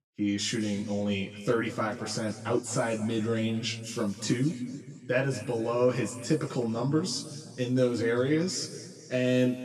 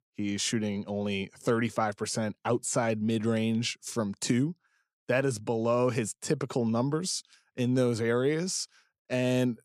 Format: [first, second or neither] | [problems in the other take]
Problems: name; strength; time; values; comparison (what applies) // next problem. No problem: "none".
second | room echo; noticeable; dies away in 1.7 s // off-mic speech; far